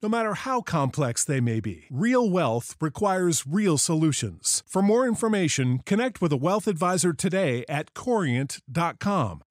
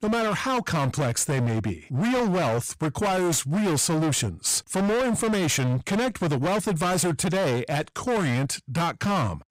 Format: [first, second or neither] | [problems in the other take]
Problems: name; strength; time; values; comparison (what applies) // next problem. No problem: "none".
first | distortion; heavy; 37% of the sound clipped